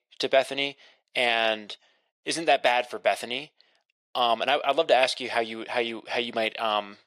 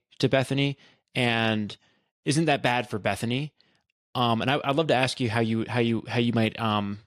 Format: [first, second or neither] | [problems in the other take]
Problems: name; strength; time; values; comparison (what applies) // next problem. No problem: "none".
second | thin; very; fading below 500 Hz